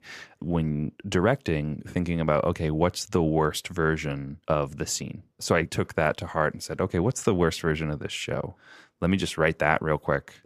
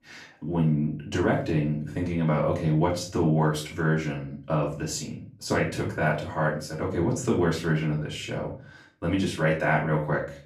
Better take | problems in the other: first | off-mic speech; far // room echo; slight; dies away in 0.3 s

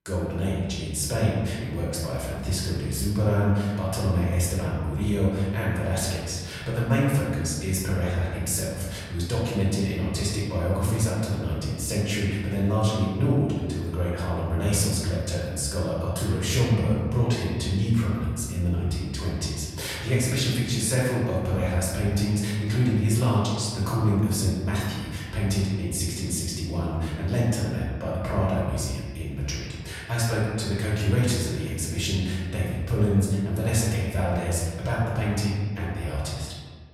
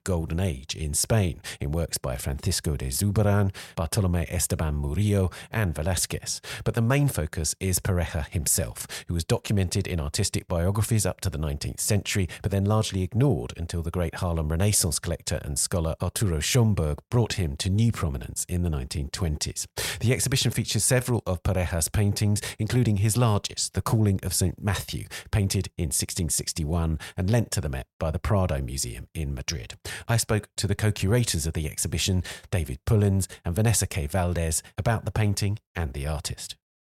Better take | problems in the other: second | off-mic speech; far // room echo; noticeable; dies away in 1.5 s

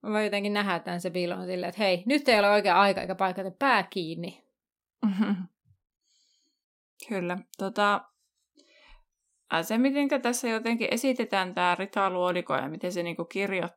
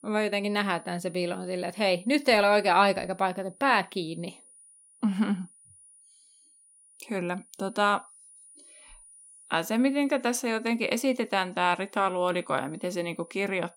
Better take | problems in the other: first | high-pitched whine; faint; throughout; 9.5 kHz, 25 dB below the speech

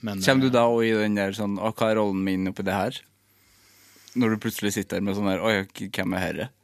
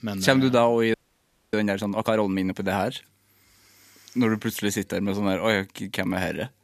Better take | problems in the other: first | audio freezing; at 1 s for 0.5 s

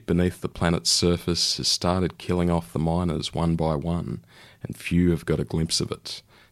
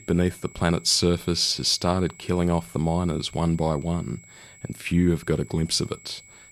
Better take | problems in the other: first | high-pitched whine; faint; throughout; 7.5 kHz, 25 dB below the speech

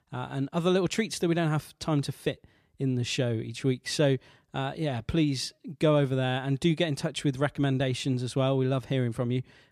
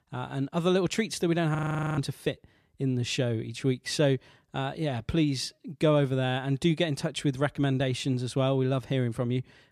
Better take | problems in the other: first | audio freezing; at 1.5 s

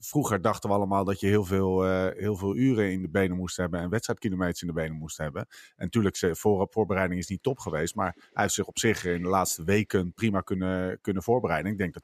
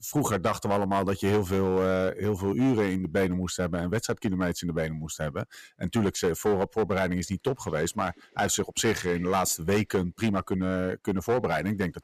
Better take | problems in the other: first | distortion; slight; 6% of the sound clipped

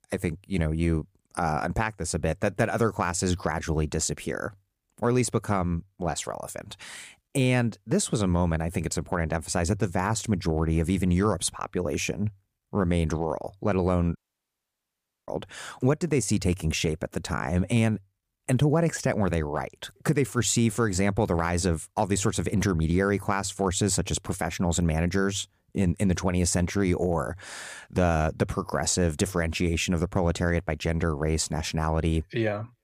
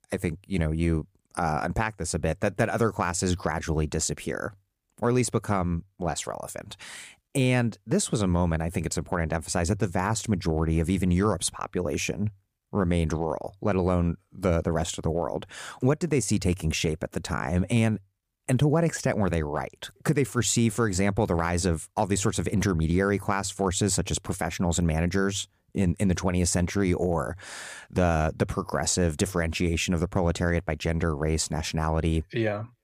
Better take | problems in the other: second | audio cutting out; at 14 s for 1 s

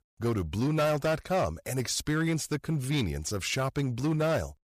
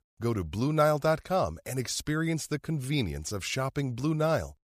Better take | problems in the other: second | distortion; slight; 10% of the sound clipped

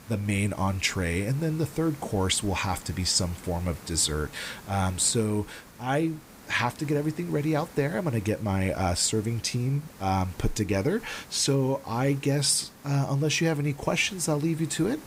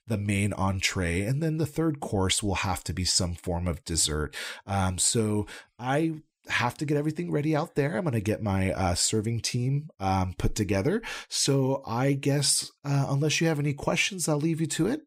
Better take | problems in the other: second | hiss; faint; throughout; 20 dB below the speech

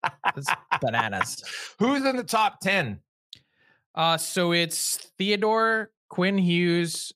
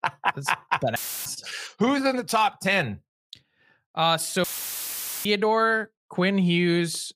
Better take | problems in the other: first | audio cutting out; filled with static; at 1 s and at 4.5 s for 1 s

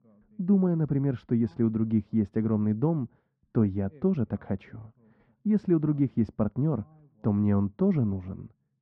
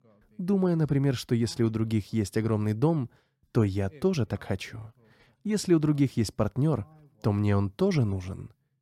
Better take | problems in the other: second | muffled; very; fading above 1.5 kHz

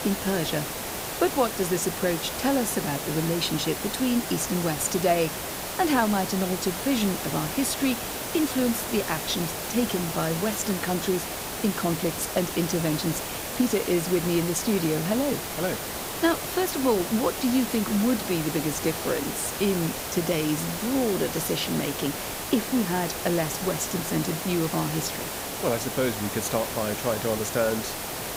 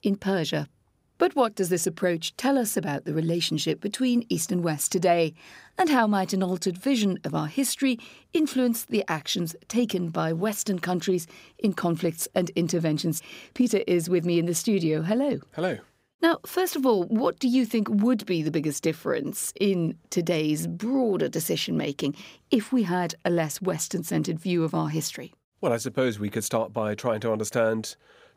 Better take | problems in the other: second | hiss; loud; throughout; 4 dB below the speech

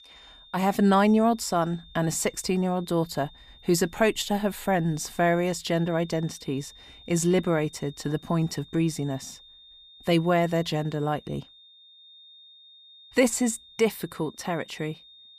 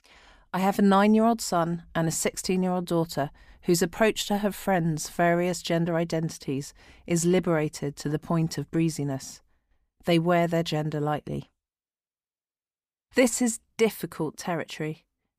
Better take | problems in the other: second | high-pitched whine; faint; throughout; 3.5 kHz, 25 dB below the speech

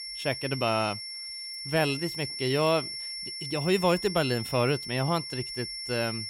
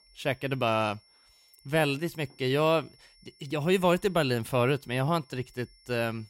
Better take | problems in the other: second | high-pitched whine; loud; throughout; 5.5 kHz, 6 dB below the speech; faint in the second

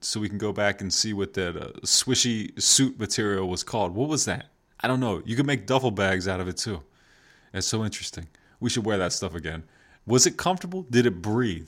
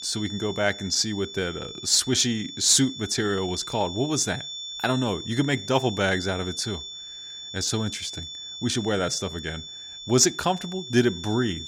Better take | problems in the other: first | high-pitched whine; noticeable; throughout; 3.5 kHz, 10 dB below the speech

